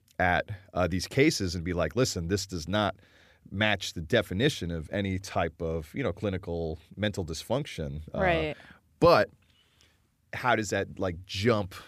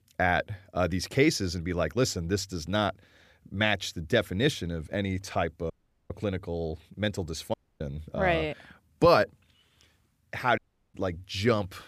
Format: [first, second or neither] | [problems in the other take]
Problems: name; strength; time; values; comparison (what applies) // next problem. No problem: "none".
first | audio cutting out; at 5.5 s, at 7.5 s and at 11 s